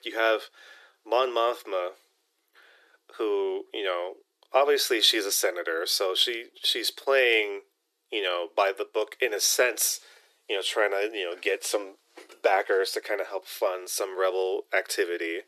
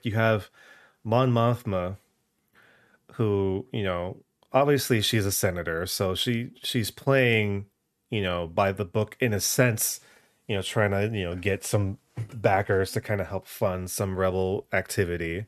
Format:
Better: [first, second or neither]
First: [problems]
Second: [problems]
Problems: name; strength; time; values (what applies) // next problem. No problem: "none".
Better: second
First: thin; very; fading below 350 Hz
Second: none